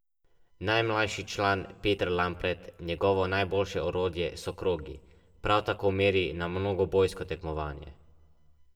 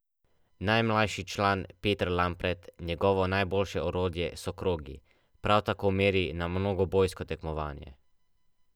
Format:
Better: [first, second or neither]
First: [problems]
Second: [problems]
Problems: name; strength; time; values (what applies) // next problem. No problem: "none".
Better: second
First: room echo; dies away in 0.4 s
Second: none